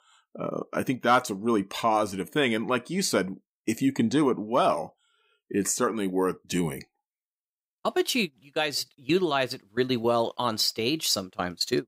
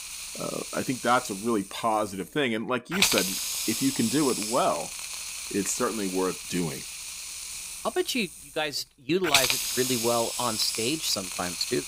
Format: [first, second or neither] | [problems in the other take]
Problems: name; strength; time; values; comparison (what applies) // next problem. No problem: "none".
first | hiss; loud; throughout; 1 dB below the speech